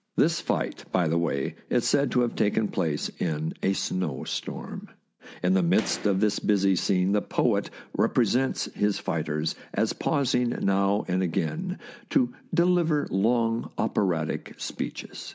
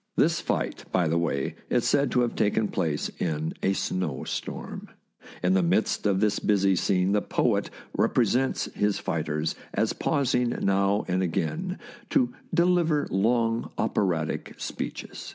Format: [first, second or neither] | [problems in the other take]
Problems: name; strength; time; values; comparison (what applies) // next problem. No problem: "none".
second | background sound (Gunshot, gunfire); 16 dB below the speech